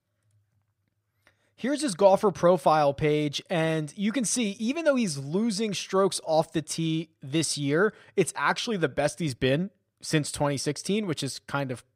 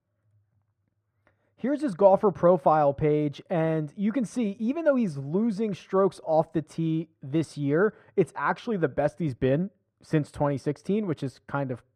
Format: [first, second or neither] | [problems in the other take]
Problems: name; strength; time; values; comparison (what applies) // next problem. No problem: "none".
first | muffled; very; fading above 2.5 kHz